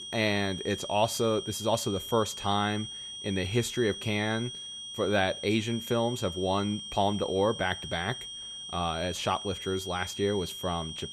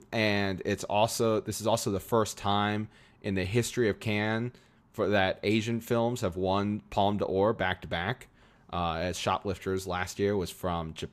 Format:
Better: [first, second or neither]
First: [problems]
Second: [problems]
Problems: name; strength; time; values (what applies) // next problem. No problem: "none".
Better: second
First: high-pitched whine; loud; throughout; 3 kHz, 8 dB below the speech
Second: none